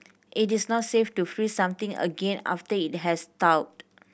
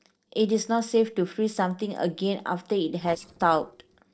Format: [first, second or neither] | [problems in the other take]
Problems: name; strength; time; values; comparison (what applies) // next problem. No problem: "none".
first | noise reduction (neural separator model SepFormer DNS4)